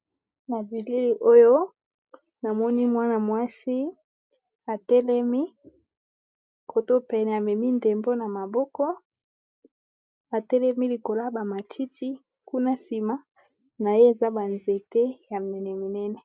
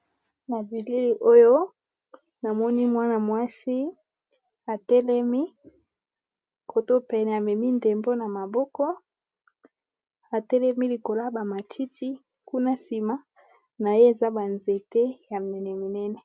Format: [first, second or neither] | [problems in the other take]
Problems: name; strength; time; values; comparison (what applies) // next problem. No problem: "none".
second | noise reduction (neural mask model Resemble Enhance denoiser)